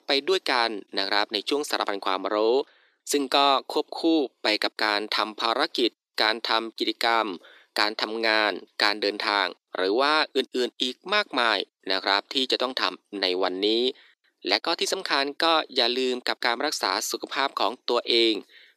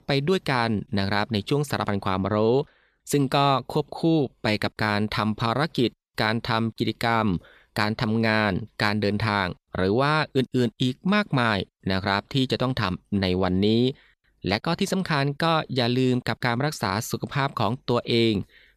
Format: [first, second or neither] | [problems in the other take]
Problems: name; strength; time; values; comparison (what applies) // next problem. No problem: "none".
second | thin; somewhat; fading below 300 Hz